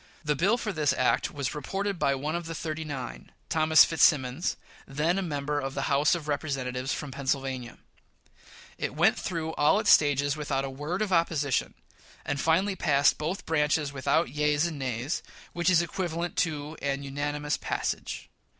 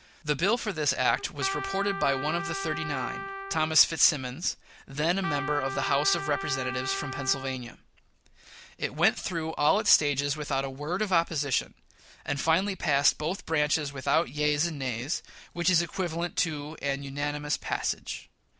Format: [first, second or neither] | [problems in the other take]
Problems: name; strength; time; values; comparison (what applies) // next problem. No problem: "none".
first | background sound (Trumpet); 7 dB below the speech